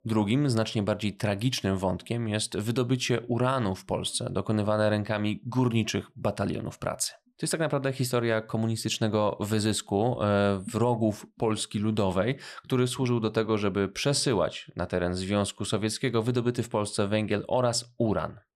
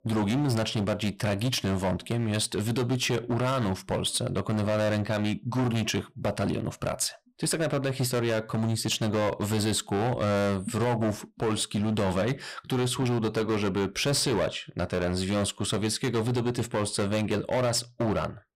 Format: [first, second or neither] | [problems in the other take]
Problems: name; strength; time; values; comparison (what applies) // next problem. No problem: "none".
first | distortion; heavy; 17% of the sound clipped